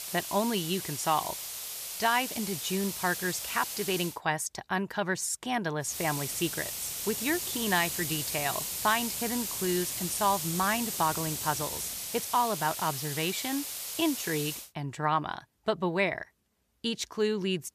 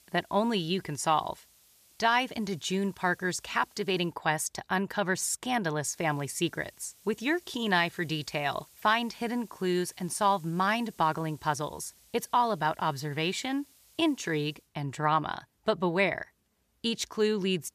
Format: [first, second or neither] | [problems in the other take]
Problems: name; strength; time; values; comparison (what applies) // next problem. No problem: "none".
second | hiss; loud; until 4 s and from 6 to 15 s; 3 dB below the speech; faint in the second